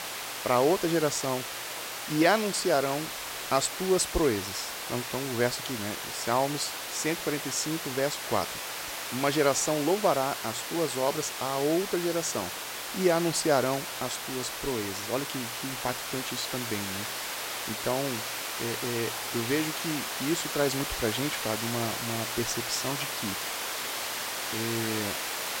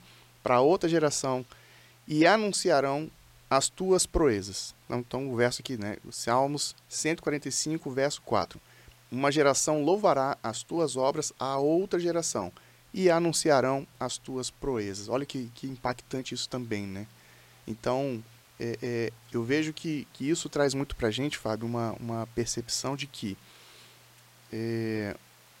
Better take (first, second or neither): second